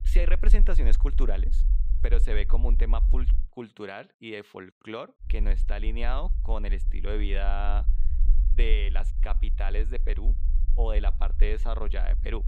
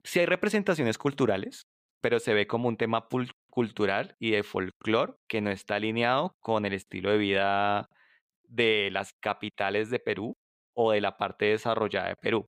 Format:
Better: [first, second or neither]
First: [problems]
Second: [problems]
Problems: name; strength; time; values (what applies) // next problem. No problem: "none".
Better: second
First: low rumble; noticeable; until 3.5 s and from 5.5 s on; 15 dB below the speech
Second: none